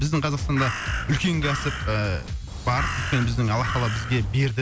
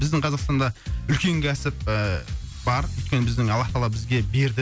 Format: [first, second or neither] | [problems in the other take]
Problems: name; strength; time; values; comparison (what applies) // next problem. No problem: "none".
second | background sound (Crow); 8 dB below the speech